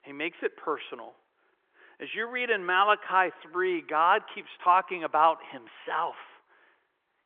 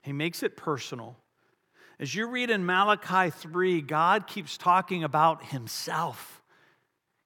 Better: second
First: phone-call audio; nothing above 3 kHz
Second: none

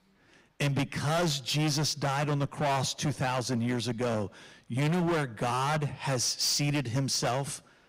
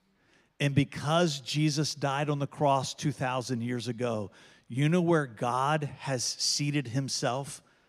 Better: second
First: distortion; heavy; 19% of the sound clipped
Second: none

